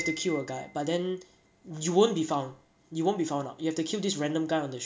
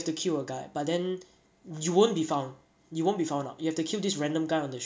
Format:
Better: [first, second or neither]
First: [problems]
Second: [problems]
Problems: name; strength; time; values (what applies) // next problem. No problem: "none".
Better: second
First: background sound (Piano); 18 dB below the speech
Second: none